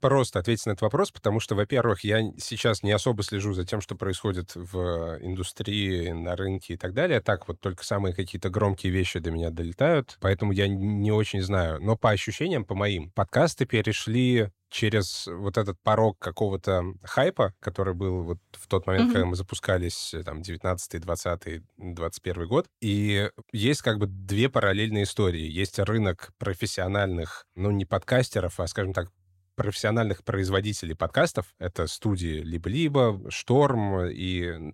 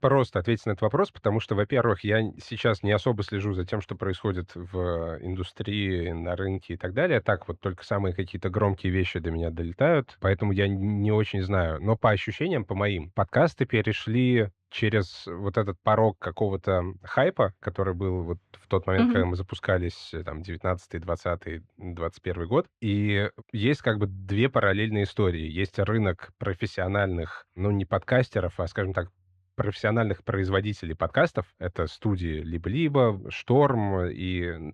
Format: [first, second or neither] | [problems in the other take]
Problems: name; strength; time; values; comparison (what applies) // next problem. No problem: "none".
first | muffled; slightly; fading above 2.5 kHz